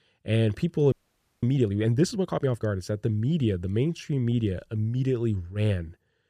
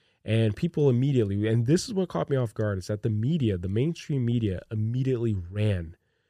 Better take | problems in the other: second | audio freezing; at 1 s

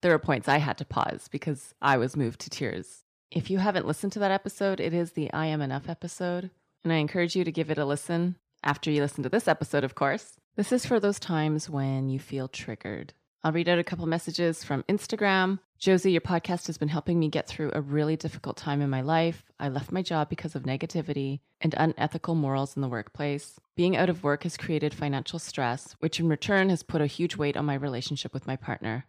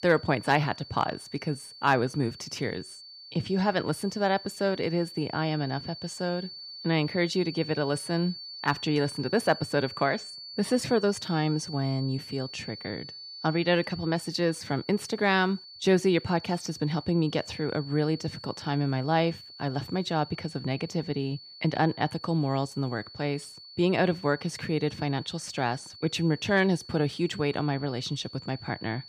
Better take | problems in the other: first | high-pitched whine; noticeable; throughout; 4.5 kHz, 15 dB below the speech

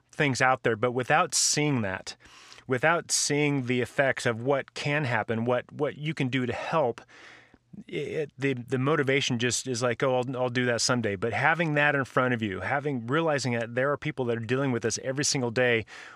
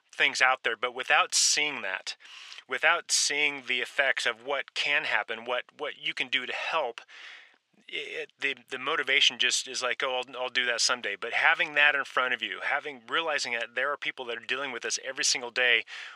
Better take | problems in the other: first | thin; very; fading below 550 Hz

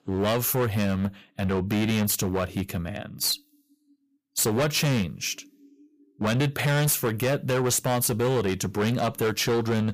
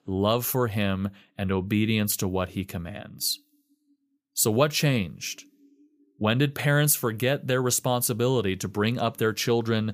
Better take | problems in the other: second | distortion; heavy; 16% of the sound clipped

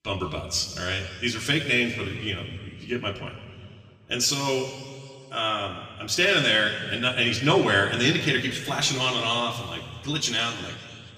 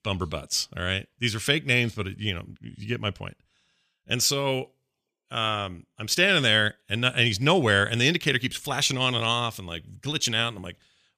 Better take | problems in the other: second | room echo; slight; dies away in 2.1 s // off-mic speech; somewhat distant

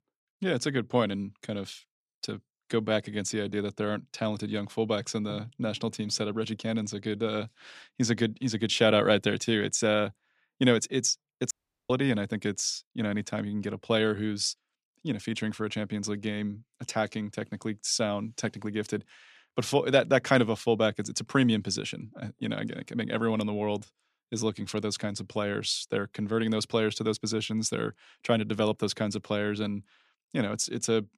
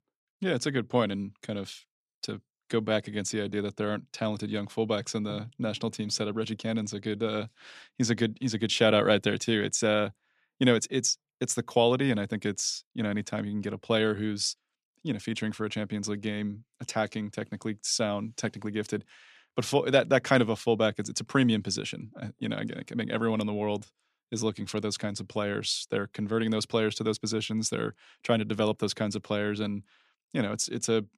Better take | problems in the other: second | audio cutting out; at 12 s

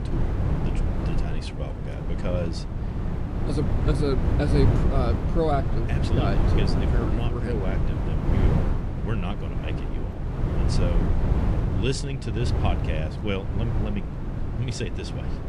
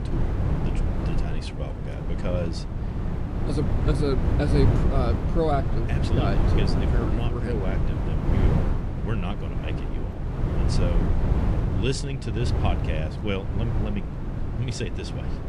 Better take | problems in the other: neither | wind noise on the microphone; heavy; 2 dB below the speech; the same in both

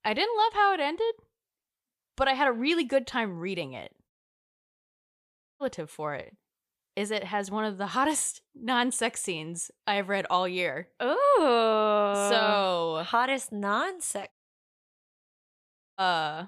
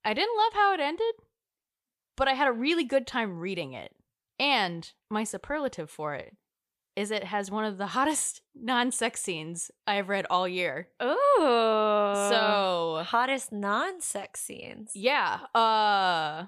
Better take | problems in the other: second | audio cutting out; at 4 s for 1.5 s and at 14 s for 1.5 s

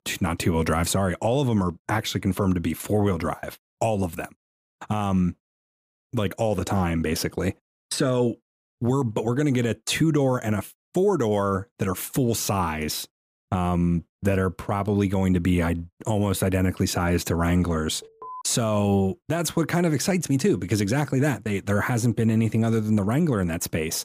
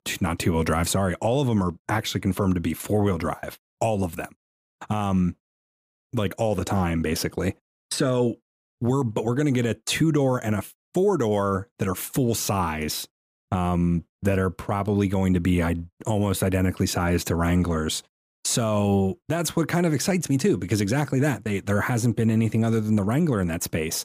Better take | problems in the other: second | alarm; faint; at 18 s; peak 15 dB below the speech

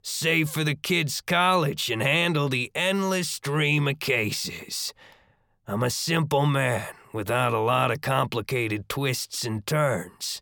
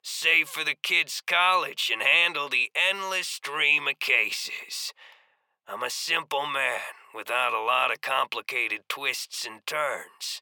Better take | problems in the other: first | thin; very; fading below 650 Hz

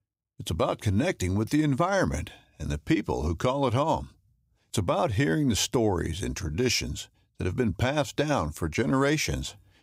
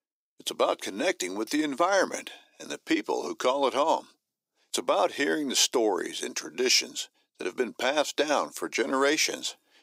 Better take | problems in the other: first | thin; somewhat; fading below 300 Hz

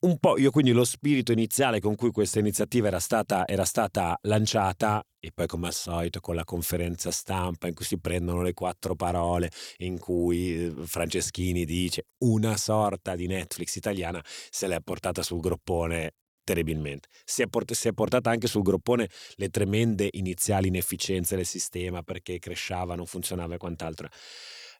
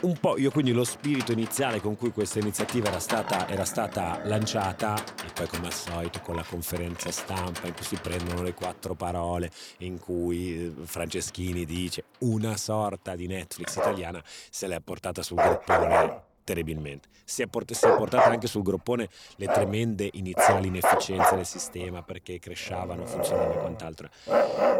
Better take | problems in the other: first | animal sounds; very loud; throughout; 3 dB above the speech

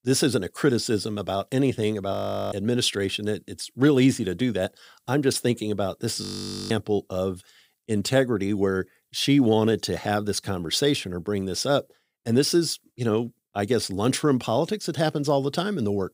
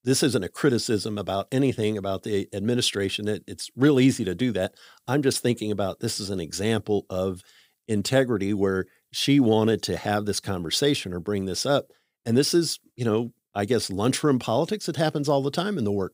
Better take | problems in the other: second | audio freezing; at 2 s and at 6 s

